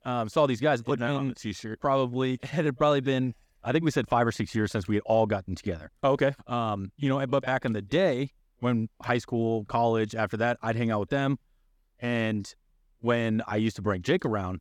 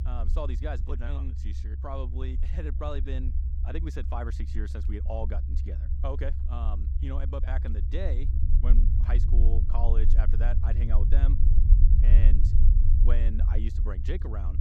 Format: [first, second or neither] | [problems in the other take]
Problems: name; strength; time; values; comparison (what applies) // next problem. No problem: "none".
first | low rumble; loud; throughout; 6 dB below the speech